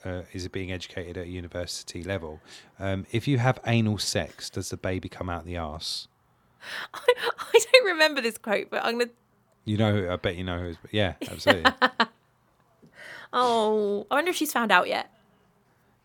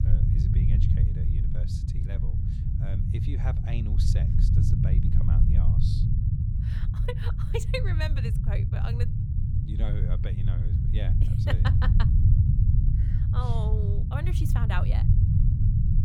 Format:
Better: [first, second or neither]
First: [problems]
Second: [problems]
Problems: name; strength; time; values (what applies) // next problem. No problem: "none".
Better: first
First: none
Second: low rumble; loud; throughout; as loud as the speech